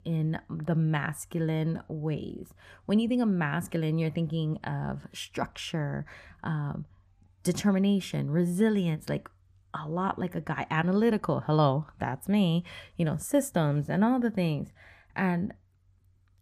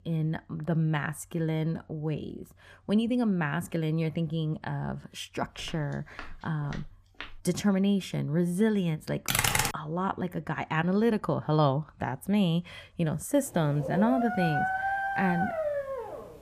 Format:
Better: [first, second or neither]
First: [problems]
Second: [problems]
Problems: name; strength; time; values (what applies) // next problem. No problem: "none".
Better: first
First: none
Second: footsteps; faint; from 5.5 to 7.5 s; peak 15 dB below the speech // keyboard typing; loud; at 9.5 s; peak 5 dB above the speech // dog barking; loud; from 14 s on; peak 1 dB above the speech